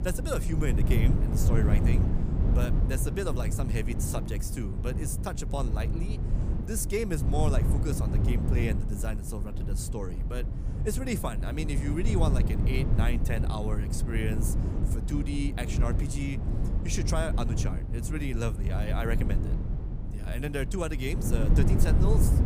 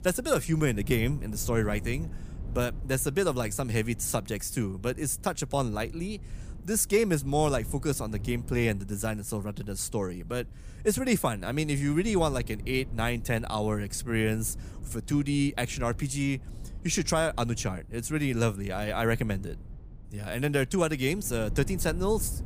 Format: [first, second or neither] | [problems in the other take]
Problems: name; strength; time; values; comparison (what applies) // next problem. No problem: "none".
second | low rumble; loud; throughout; 5 dB below the speech; faint in the second